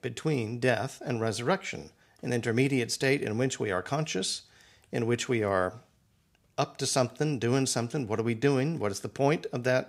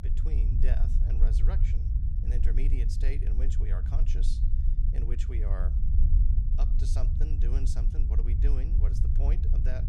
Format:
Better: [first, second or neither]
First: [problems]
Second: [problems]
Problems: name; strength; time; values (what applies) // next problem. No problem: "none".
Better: first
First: none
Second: low rumble; loud; throughout; 1 dB below the speech